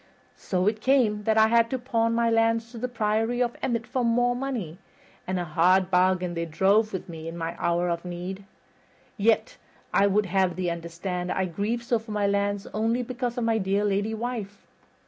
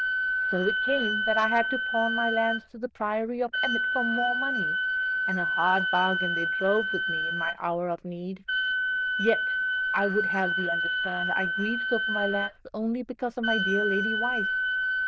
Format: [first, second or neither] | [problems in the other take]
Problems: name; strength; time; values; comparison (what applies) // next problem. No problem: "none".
first | noise reduction (neural diffusion model UNIVERSE++)